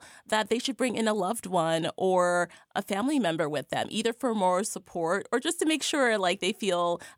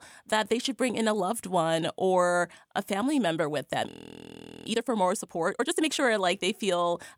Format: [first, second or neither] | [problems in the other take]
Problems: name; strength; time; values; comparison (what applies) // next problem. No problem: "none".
first | audio freezing; at 4 s for 1 s